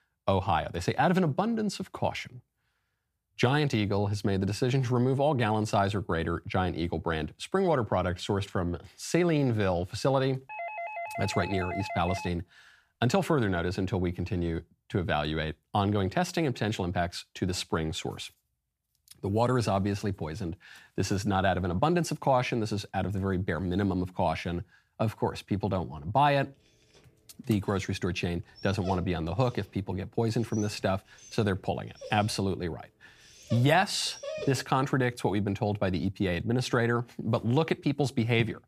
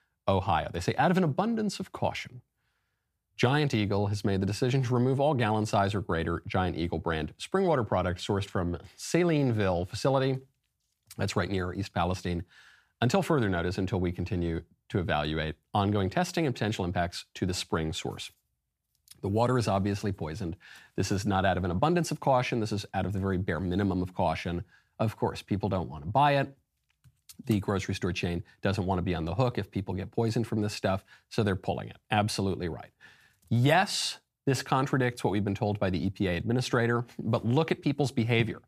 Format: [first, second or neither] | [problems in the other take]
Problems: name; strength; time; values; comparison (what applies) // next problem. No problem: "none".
second | doorbell; noticeable; from 10 to 12 s; peak 7 dB below the speech // dog barking; noticeable; from 29 to 35 s; peak 8 dB below the speech